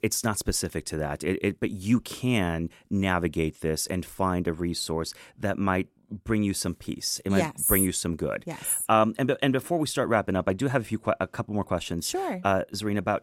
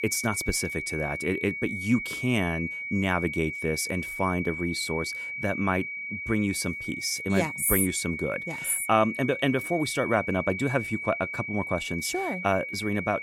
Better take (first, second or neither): first